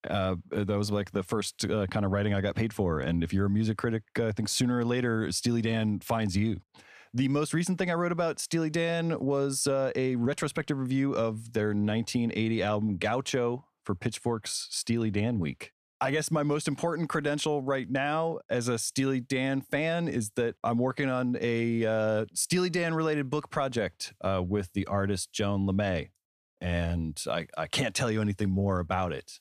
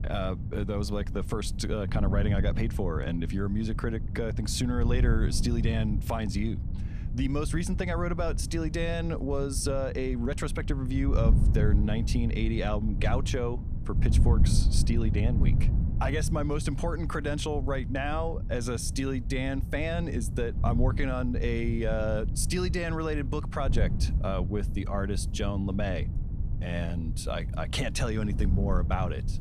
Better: first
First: none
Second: wind noise on the microphone; occasional gusts; 10 dB below the speech

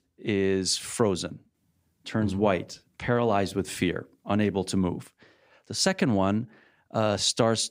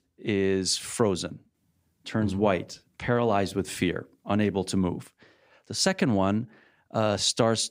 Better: neither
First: none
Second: none

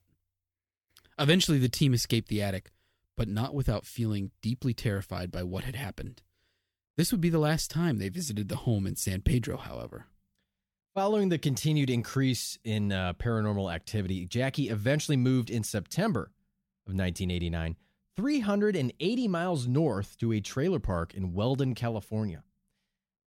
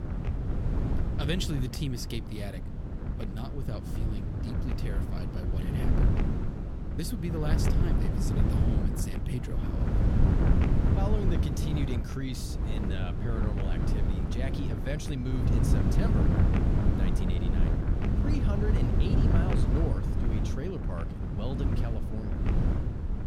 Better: first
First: none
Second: wind noise on the microphone; heavy; 2 dB above the speech

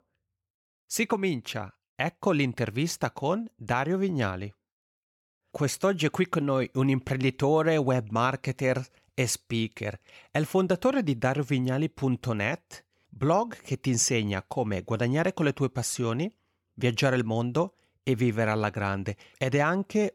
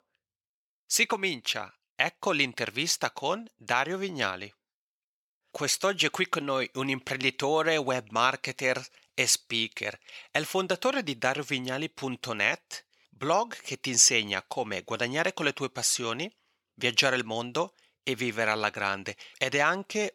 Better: first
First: none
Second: thin; somewhat; fading below 700 Hz

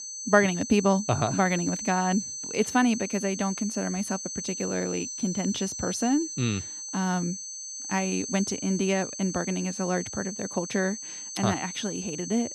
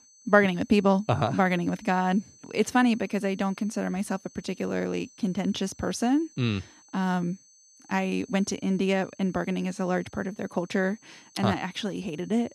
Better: second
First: high-pitched whine; loud; throughout; 6 kHz, 6 dB below the speech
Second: high-pitched whine; faint; throughout; 6 kHz, 25 dB below the speech

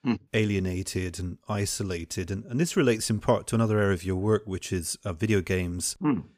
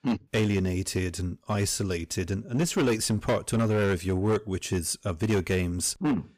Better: first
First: none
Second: distortion; slight; 10% of the sound clipped

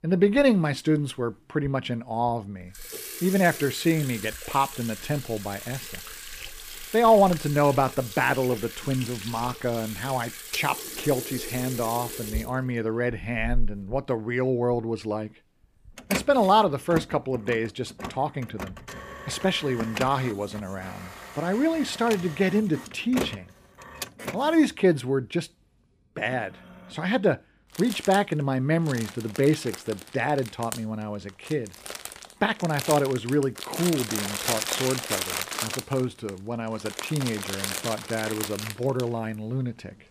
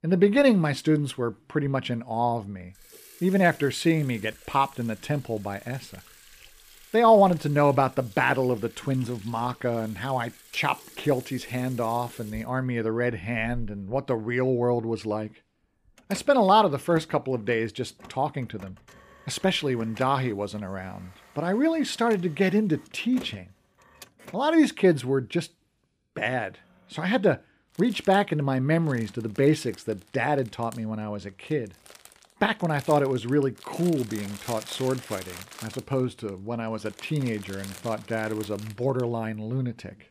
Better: second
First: household noises; loud; throughout; 9 dB below the speech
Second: household noises; faint; throughout; 20 dB below the speech

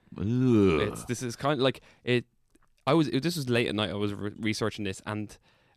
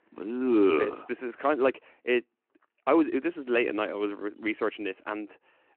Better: first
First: none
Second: phone-call audio

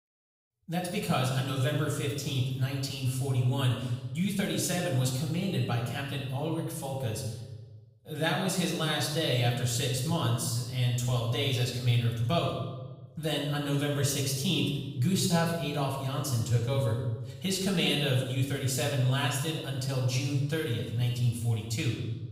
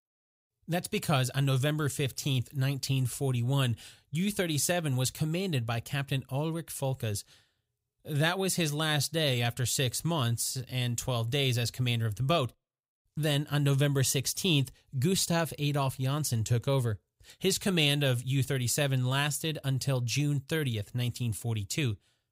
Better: second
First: off-mic speech; far // room echo; noticeable; dies away in 0.9 s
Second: none

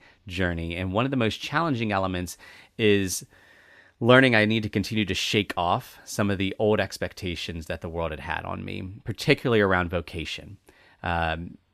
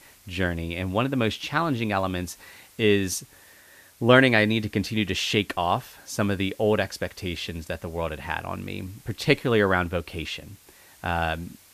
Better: first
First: none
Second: hiss; faint; throughout; 25 dB below the speech

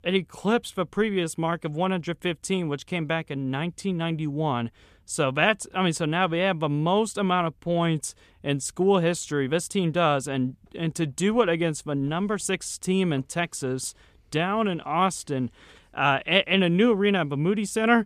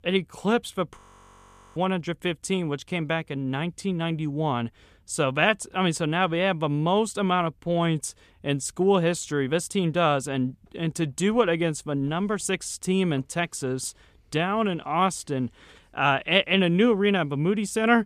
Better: first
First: none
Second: audio freezing; at 1 s for 1 s

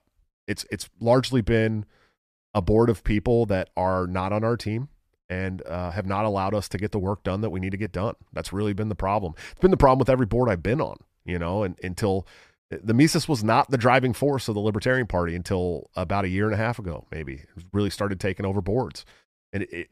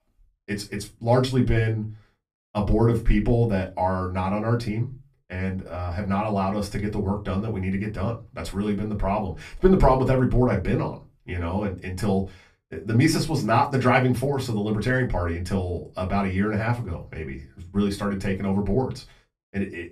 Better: first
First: none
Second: off-mic speech; far // room echo; very slight; dies away in 0.2 s

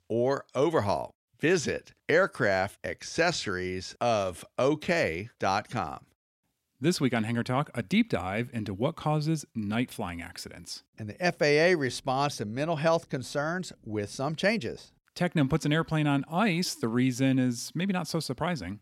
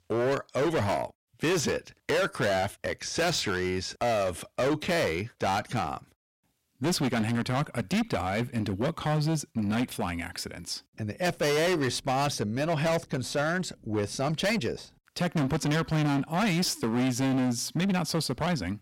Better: first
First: none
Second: distortion; heavy; 20% of the sound clipped

